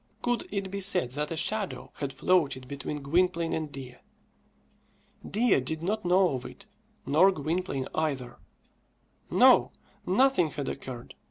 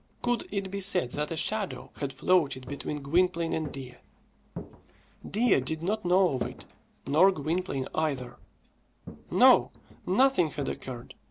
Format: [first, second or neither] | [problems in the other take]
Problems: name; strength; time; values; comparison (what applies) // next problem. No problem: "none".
first | background sound (Walk, footsteps); 17 dB below the speech